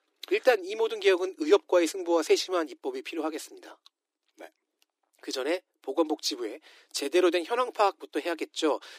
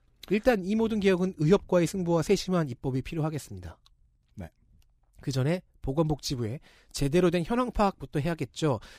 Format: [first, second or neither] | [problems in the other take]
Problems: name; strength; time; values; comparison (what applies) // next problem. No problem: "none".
second | thin; very; fading below 300 Hz